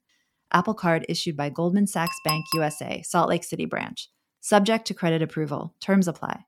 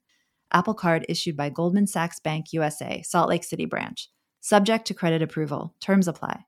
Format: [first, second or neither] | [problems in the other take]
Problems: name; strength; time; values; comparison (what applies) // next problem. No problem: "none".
second | clattering dishes; noticeable; at 2 s; peak 2 dB below the speech